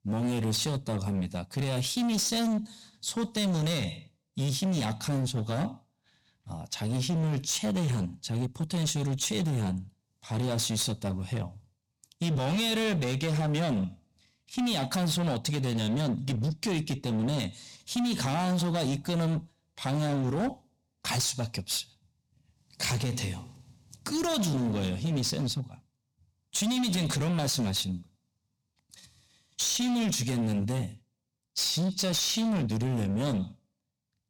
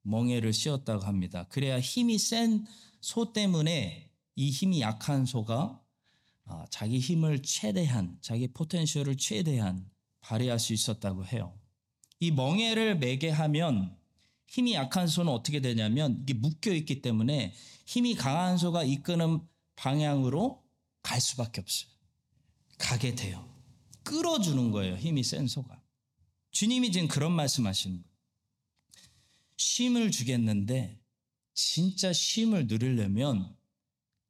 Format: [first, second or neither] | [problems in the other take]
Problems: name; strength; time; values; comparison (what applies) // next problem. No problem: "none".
second | distortion; slight; 20% of the sound clipped